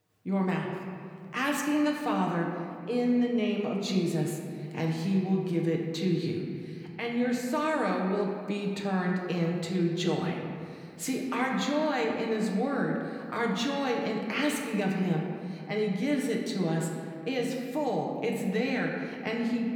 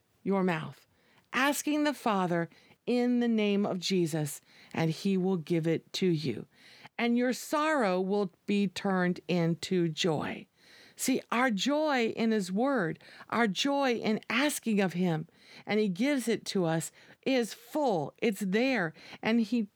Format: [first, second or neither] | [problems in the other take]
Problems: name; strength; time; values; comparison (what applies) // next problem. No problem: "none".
second | room echo; noticeable; dies away in 2.1 s // off-mic speech; somewhat distant